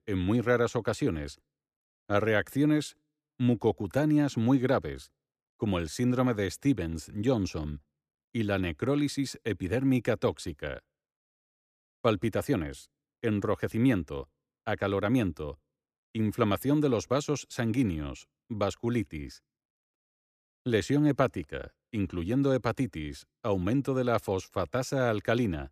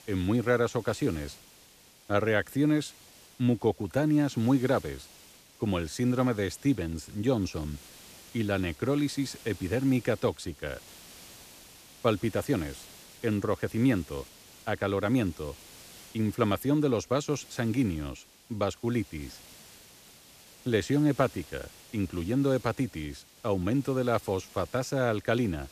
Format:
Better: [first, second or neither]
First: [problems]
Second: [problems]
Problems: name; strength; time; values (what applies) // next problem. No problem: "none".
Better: first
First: none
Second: hiss; faint; throughout; 20 dB below the speech